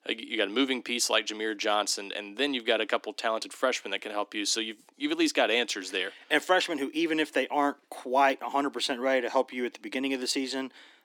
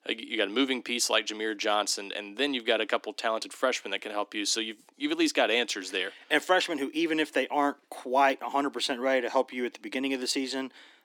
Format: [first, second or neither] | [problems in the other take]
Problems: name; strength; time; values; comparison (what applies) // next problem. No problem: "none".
neither | thin; somewhat; fading below 300 Hz; the same in both